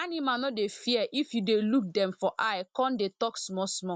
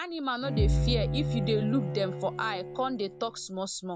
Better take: first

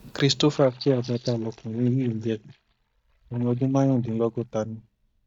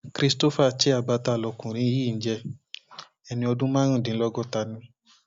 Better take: second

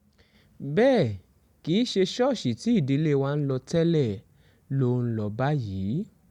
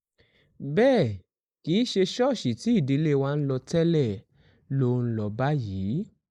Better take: first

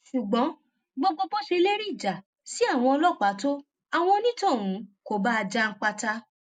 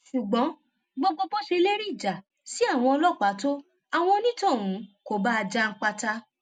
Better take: second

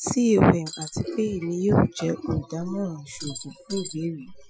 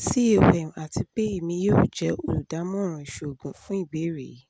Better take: second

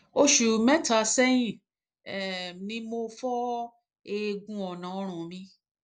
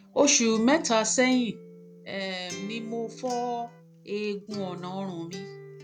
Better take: first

